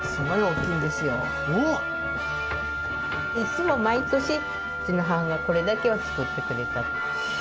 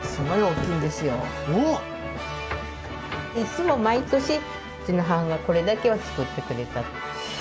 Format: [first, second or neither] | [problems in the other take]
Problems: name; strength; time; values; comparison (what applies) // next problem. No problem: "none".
second | background sound (Wind instrument, woodwind instrument); 3 dB below the speech